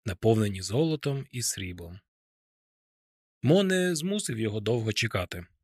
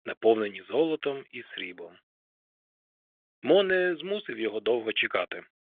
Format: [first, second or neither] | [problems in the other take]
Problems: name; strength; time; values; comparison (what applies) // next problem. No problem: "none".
first | phone-call audio; nothing above 3.5 kHz